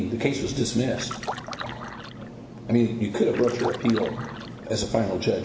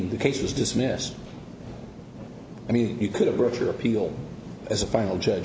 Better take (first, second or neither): second